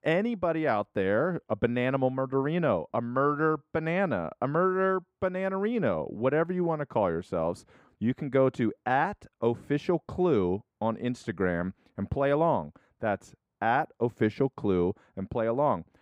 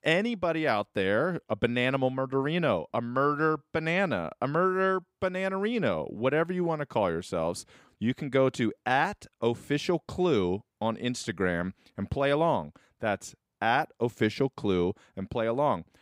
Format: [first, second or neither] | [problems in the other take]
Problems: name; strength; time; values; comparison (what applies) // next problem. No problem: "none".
second | muffled; slightly; fading above 2.5 kHz